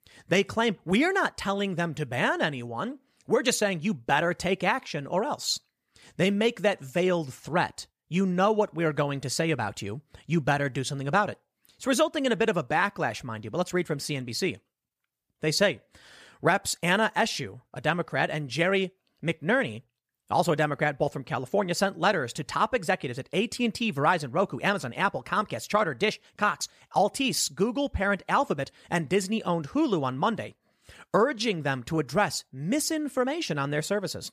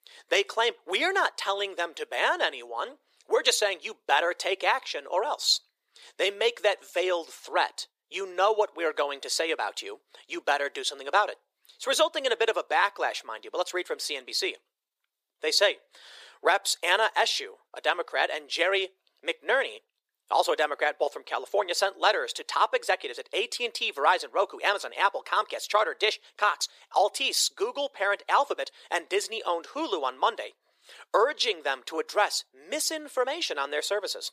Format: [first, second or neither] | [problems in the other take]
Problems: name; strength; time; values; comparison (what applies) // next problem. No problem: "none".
first | thin; very; fading below 400 Hz